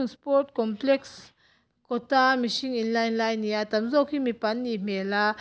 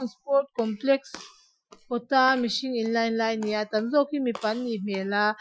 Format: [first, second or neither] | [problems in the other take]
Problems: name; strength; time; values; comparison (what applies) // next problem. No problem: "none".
first | noise reduction (classical method Wiener filter)